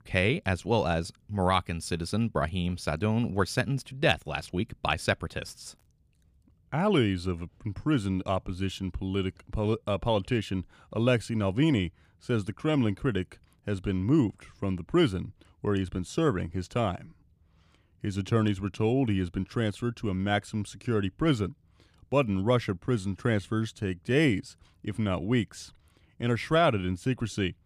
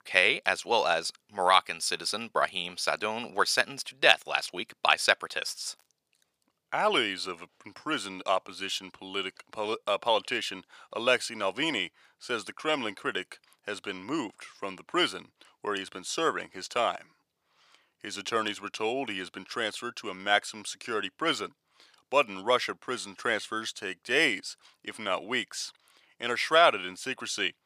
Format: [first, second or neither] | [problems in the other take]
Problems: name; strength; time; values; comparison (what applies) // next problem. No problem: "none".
first | thin; very; fading below 700 Hz